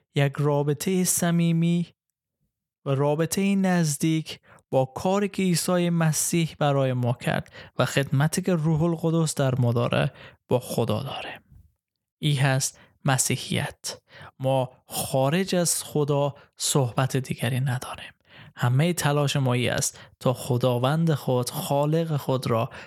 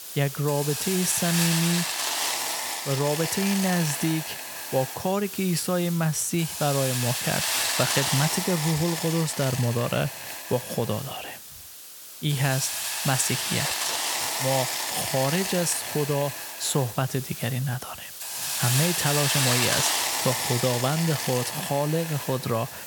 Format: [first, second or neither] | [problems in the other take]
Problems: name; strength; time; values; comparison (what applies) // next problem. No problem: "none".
first | hiss; loud; throughout; 1 dB below the speech